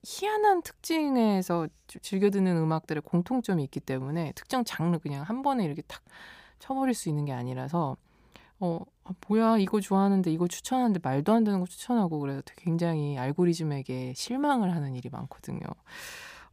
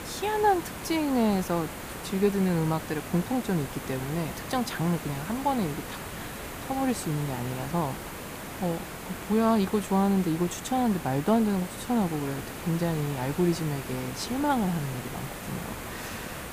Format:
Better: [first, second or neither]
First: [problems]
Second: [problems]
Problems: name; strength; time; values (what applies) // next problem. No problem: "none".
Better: first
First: none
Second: hiss; loud; throughout; 9 dB below the speech